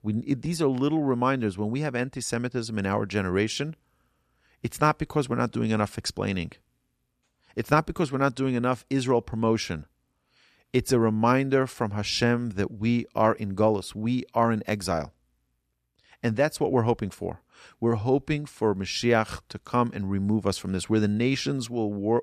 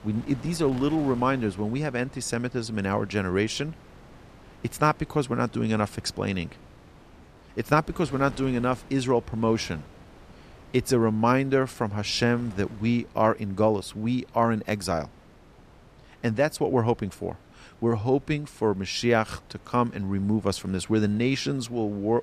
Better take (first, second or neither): first